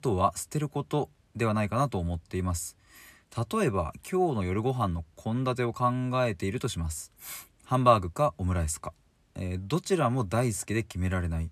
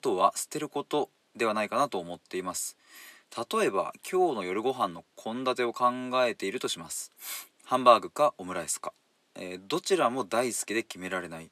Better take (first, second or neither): first